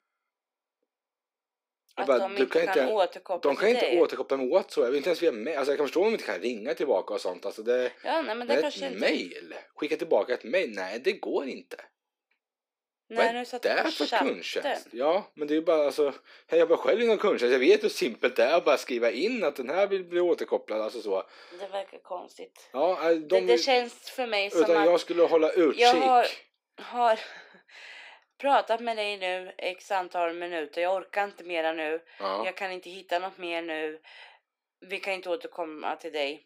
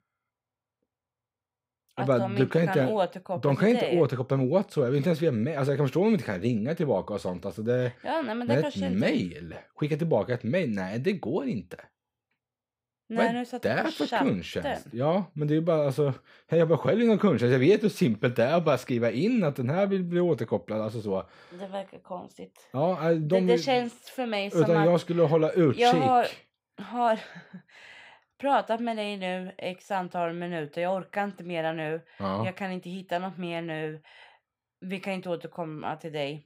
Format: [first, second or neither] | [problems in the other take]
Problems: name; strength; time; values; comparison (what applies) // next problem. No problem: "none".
second | thin; somewhat; fading below 300 Hz